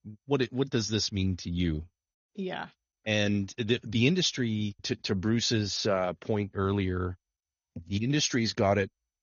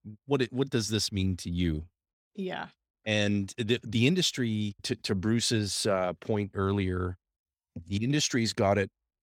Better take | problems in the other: second | garbled, watery; slightly; nothing above 6.5 kHz

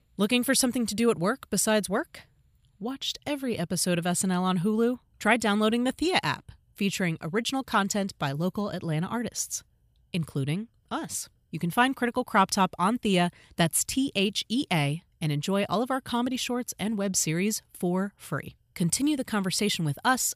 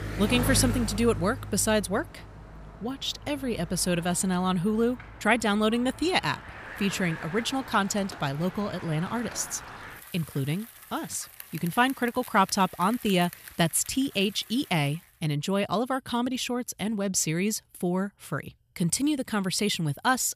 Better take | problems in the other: first | traffic noise; noticeable; until 15 s; 15 dB below the speech

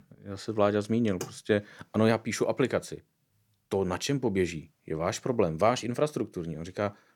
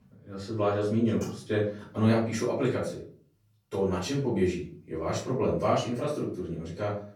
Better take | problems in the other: first | off-mic speech; far // room echo; noticeable; dies away in 0.4 s

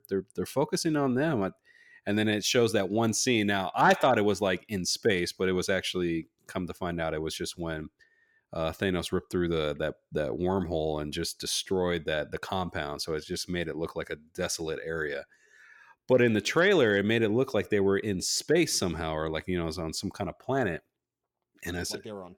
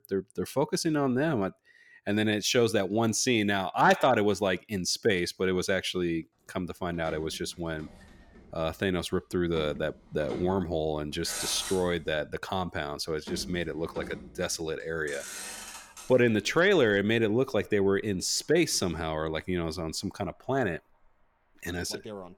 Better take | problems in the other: first | traffic noise; noticeable; from 7 s on; 15 dB below the speech

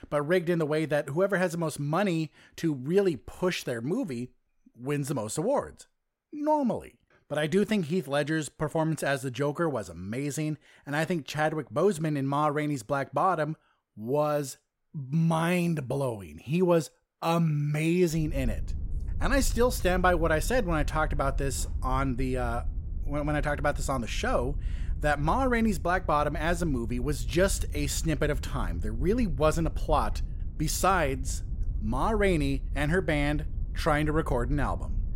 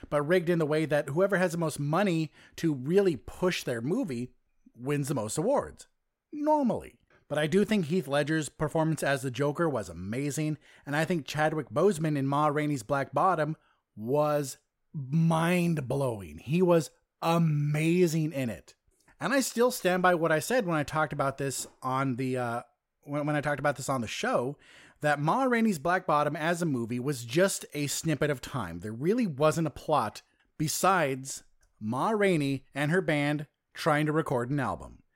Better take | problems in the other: second | low rumble; faint; from 18 s on; 25 dB below the speech

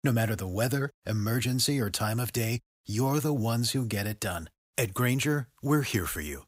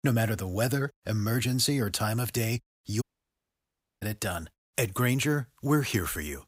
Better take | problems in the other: first | audio cutting out; at 3 s for 1 s

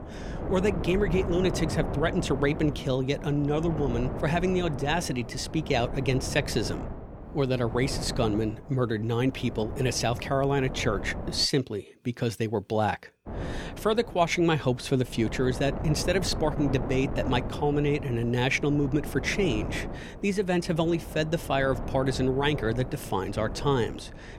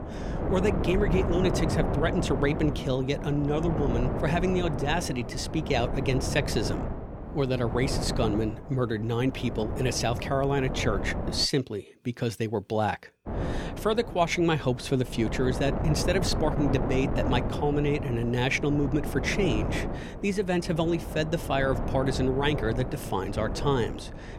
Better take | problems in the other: first | wind noise on the microphone; heavy; until 11 s and from 13 s on; 7 dB below the speech; occasional gusts in the first

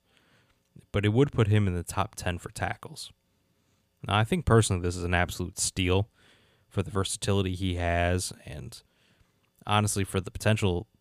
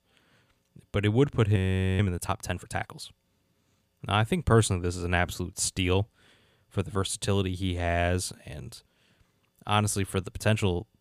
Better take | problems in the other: first | audio freezing; at 1.5 s

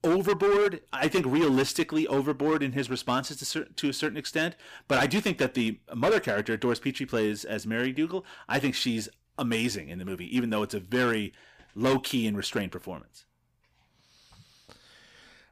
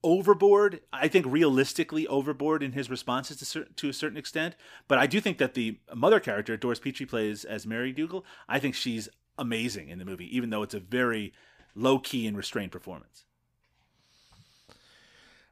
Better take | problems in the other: second | distortion; heavy; 7% of the sound clipped

